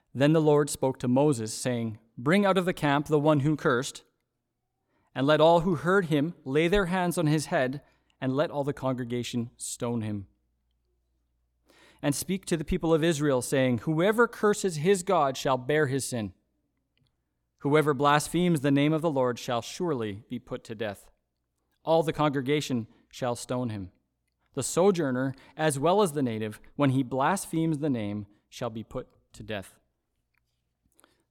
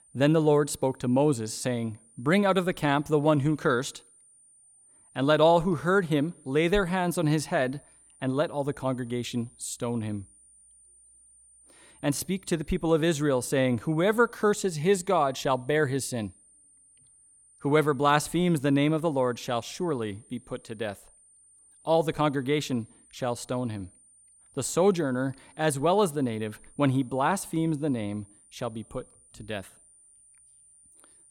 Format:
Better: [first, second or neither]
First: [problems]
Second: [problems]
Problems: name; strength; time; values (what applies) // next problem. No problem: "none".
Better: first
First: none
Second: high-pitched whine; faint; throughout; 9 kHz, 30 dB below the speech